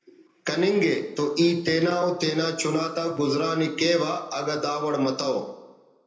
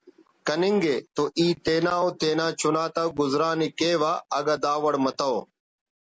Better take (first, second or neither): second